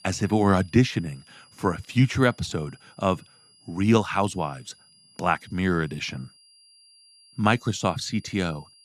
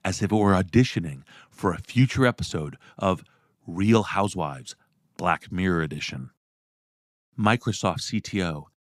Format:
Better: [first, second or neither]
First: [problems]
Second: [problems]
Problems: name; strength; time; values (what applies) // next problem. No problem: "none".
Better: second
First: high-pitched whine; faint; throughout; 4.5 kHz, 30 dB below the speech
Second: none